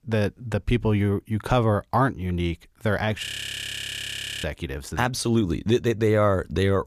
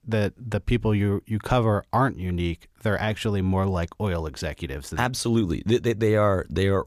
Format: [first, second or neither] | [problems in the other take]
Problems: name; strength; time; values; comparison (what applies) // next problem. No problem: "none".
second | audio freezing; at 3.5 s for 1 s